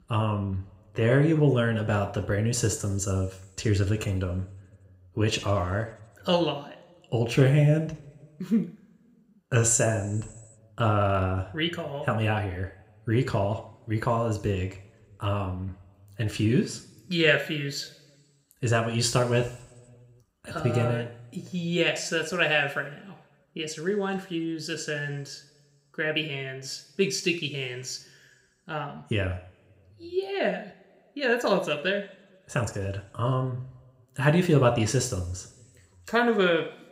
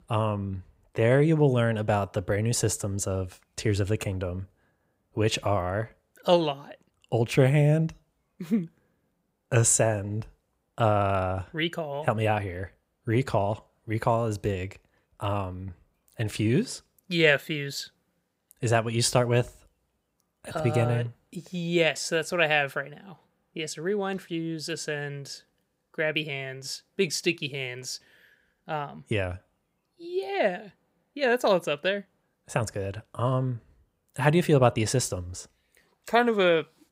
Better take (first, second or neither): second